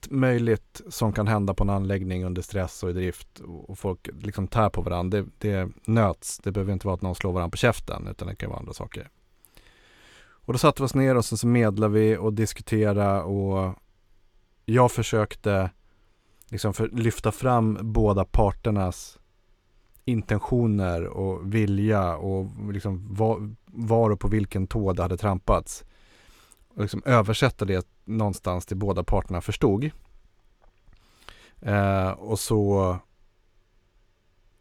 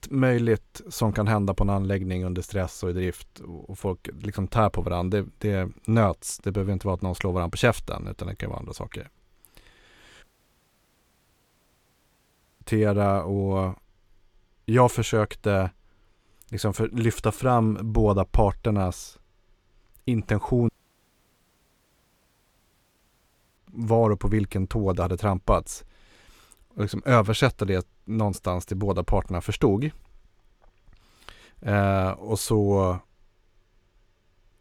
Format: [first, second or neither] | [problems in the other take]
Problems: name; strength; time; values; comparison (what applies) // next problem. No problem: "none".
first | audio cutting out; at 10 s for 2.5 s and at 21 s for 3 s